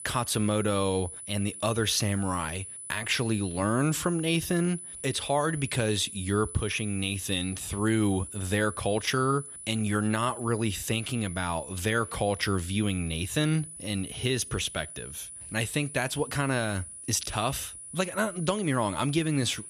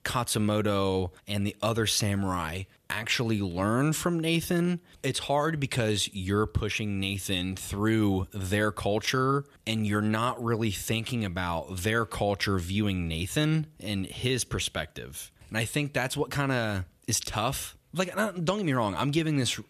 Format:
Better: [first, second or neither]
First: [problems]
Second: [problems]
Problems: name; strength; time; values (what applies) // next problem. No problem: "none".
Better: second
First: high-pitched whine; noticeable; throughout; 10 kHz, 10 dB below the speech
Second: none